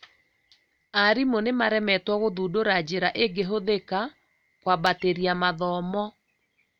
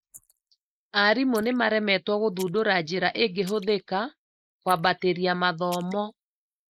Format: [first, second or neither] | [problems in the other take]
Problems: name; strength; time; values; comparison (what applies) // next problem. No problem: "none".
first | noise reduction (neural mask model Resemble Enhance denoiser)